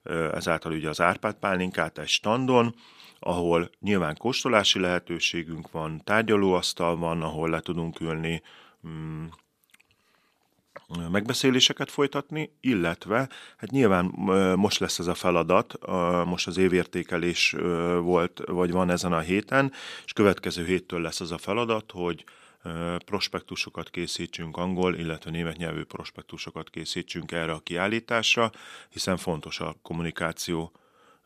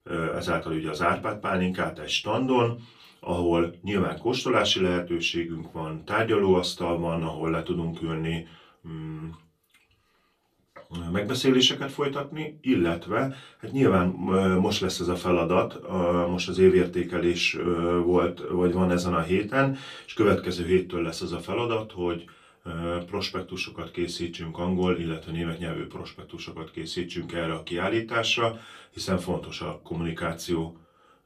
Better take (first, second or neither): first